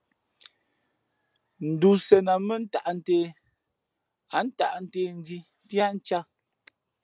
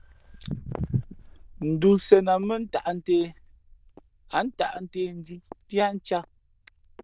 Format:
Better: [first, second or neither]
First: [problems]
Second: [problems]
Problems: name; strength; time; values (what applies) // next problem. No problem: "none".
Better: first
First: none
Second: noise reduction (neural diffusion model UNIVERSE++)